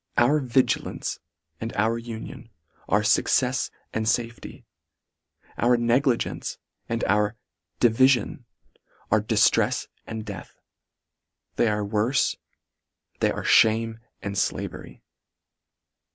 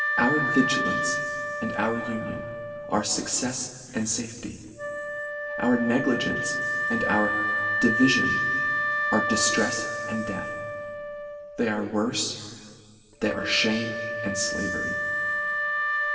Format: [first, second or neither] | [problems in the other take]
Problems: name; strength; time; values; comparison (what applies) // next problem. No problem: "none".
first | background sound (Wind instrument, woodwind instrument); as loud as the speech // room echo; dies away in 2.3 s